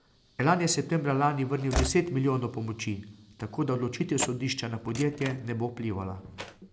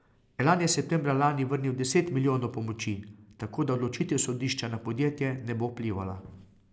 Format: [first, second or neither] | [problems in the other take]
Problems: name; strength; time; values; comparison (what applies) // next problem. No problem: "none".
second | background sound (Slam / Train); 11 dB below the speech